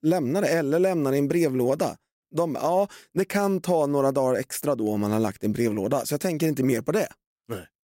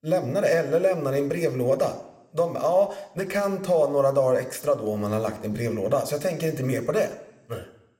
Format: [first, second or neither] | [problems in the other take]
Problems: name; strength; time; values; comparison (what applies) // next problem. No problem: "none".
first | room echo; very slight; dies away in 0.7 s